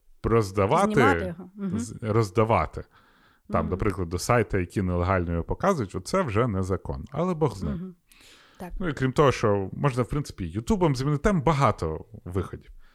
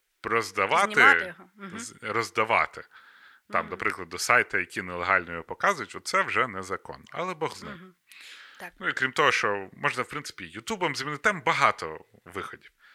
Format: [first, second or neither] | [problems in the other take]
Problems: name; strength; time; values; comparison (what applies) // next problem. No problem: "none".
first | thin; very; fading below 900 Hz